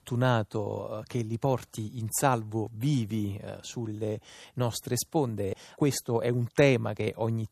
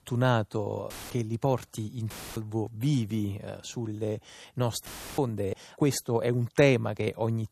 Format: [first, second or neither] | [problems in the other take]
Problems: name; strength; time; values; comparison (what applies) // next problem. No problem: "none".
first | audio cutting out; filled with static; at 1 s, at 2 s and at 5 s